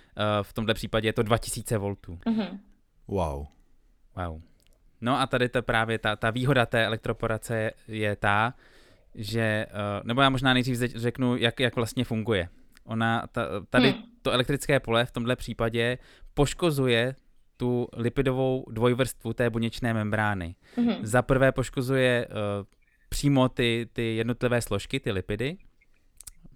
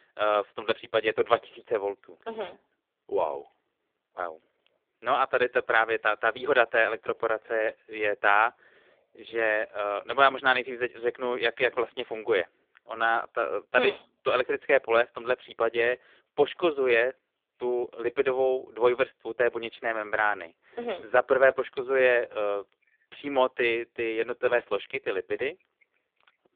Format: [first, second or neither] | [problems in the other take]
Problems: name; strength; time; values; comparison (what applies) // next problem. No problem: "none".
first | phone-call audio; poor line